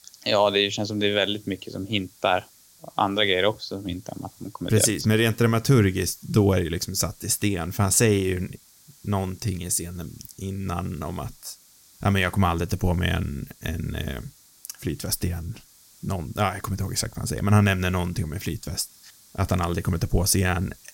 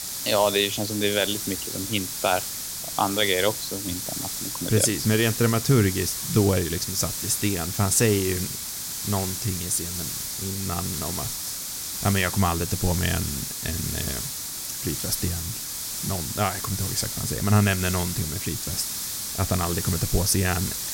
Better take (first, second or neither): first